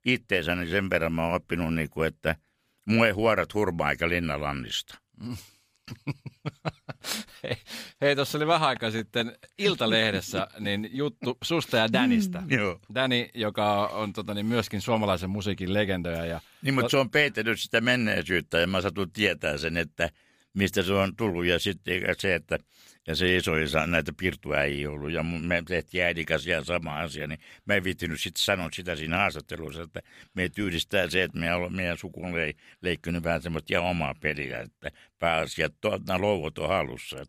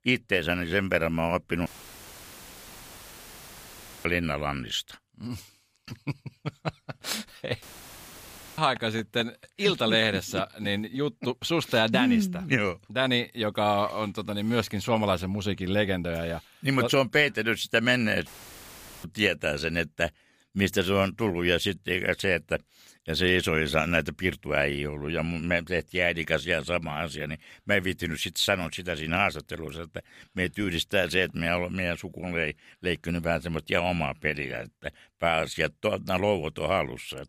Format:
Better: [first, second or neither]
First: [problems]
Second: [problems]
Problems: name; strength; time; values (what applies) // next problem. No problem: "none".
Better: first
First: none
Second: audio cutting out; filled with static; at 1.5 s for 2.5 s, at 7.5 s for 1 s and at 18 s for 1 s